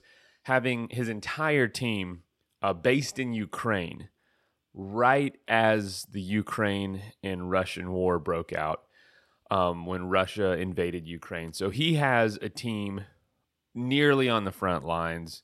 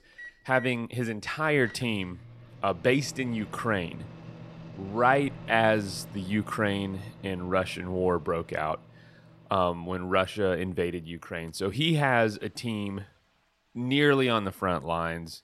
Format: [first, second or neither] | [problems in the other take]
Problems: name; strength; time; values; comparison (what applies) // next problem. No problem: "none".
first | household noises; noticeable; throughout; 20 dB below the speech